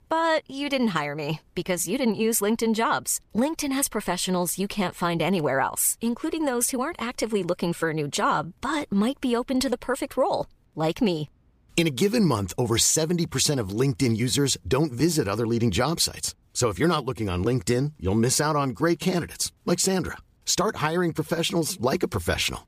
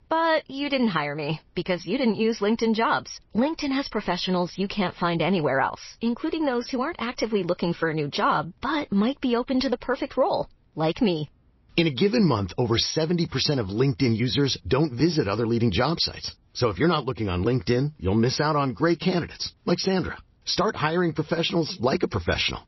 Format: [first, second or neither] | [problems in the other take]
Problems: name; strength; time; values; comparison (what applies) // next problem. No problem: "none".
first | garbled, watery; slightly; nothing above 5.5 kHz